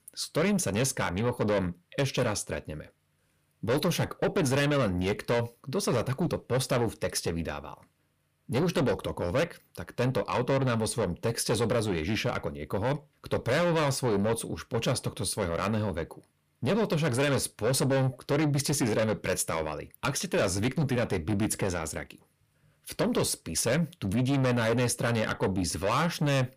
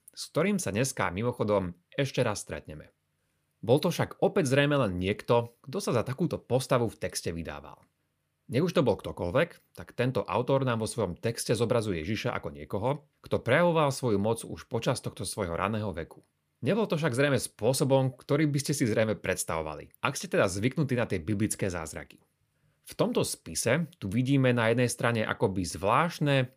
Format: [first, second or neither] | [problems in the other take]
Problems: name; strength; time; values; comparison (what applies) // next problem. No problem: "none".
second | distortion; heavy; 7 dB below the speech